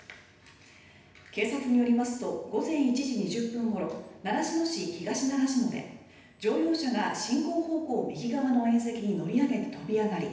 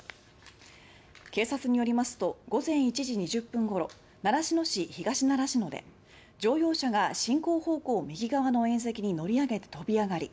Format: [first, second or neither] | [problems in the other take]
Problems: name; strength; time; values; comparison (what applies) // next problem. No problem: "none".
second | room echo; dies away in 0.9 s